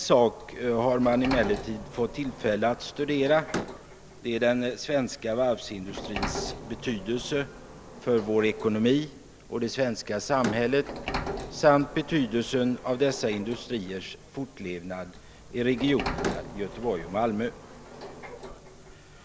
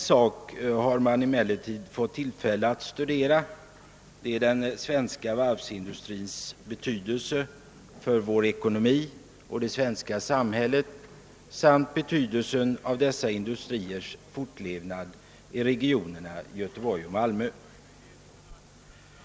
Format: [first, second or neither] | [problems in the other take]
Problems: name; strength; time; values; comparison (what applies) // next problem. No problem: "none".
second | background sound (Slam + Sliding door); 11 dB below the speech